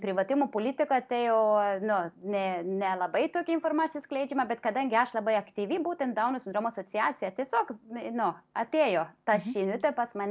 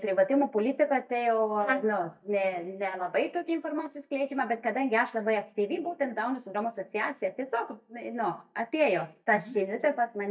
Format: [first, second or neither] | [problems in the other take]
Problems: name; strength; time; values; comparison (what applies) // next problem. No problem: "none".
first | noise reduction (neural mask model DeepFilterNet 3)